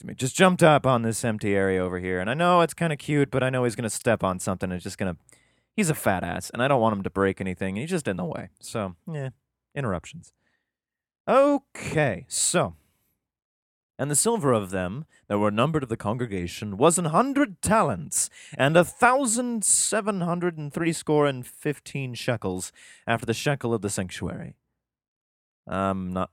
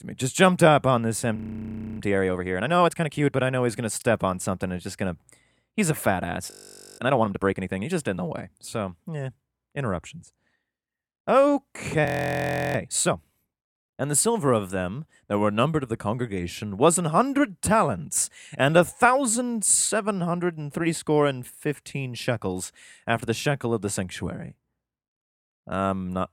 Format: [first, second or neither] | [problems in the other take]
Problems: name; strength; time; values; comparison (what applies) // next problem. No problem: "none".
first | audio freezing; at 1.5 s for 0.5 s, at 6.5 s and at 12 s for 0.5 s